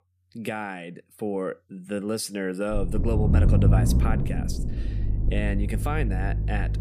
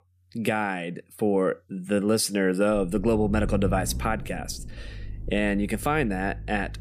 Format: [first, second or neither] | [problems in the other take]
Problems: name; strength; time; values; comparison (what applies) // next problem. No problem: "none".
second | low rumble; loud; from 2.5 s on; 5 dB below the speech; faint in the second